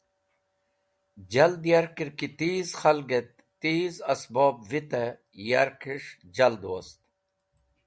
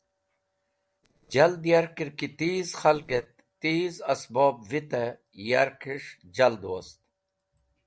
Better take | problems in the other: first | noise reduction (neural separator model SepFormer DNS4)

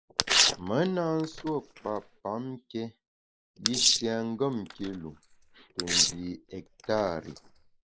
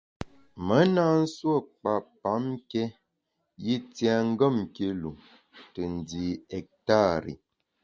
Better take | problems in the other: second | noise reduction (neural mask model Resemble Enhance denoiser)

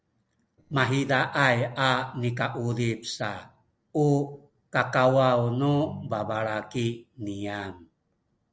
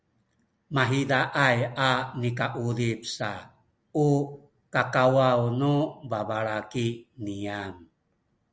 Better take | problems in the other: second | noise reduction (neural separator model SepFormer DNS4)

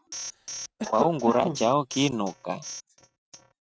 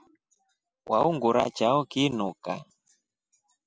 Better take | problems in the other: second | noise reduction (neural mask model RNNoise)

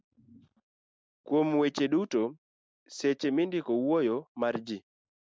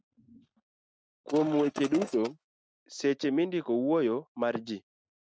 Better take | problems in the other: first | noise reduction (neural mask model RNNoise)

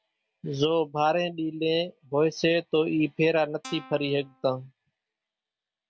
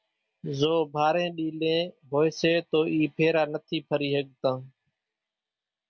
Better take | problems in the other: second | background sound (Guitar); 19 dB below the speech

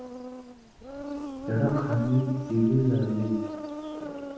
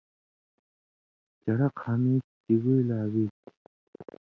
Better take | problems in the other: second | background sound (Insect); 9 dB below the speech // room echo; dies away in 0.7 s

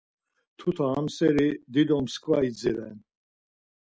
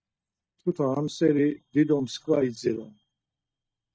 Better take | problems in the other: first | noise reduction (neural mask model DeepFilterNet 3)

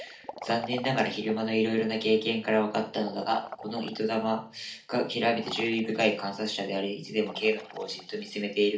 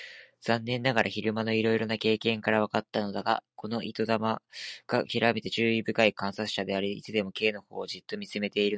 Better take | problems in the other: second | background sound (Liquid); 17 dB below the speech // room echo; dies away in 0.4 s

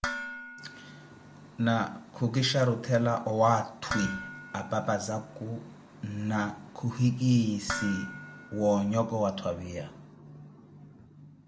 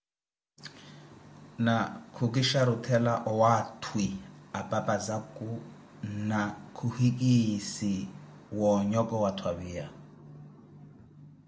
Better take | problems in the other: second | background sound (Dishes, pots, and pans); 11 dB below the speech

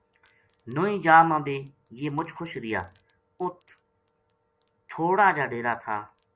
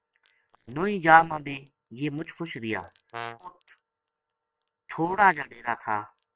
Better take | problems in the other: first | noise reduction (neural separator model SepFormer WHAM!)

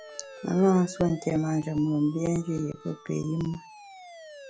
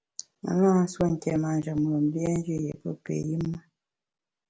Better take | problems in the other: second | background sound (Siren); 19 dB below the speech

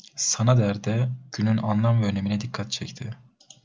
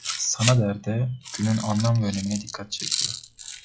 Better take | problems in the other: first | noise reduction (classical method log-MMSE)

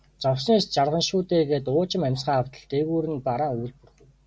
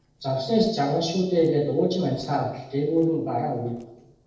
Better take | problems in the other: first | noise reduction (neural separator model SepFormer DNS4)

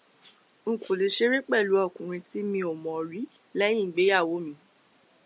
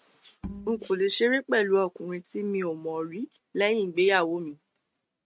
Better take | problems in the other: first | noise reduction (neural mask model RNNoise)

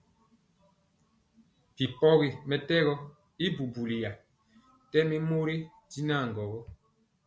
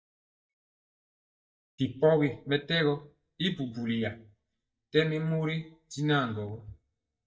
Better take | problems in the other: first | noise reduction (neural mask model DeepFilterNet 3)

